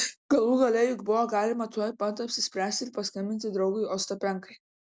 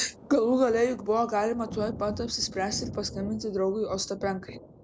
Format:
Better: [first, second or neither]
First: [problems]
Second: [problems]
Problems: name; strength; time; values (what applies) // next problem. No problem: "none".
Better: first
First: none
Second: background sound (Thunder); 14 dB below the speech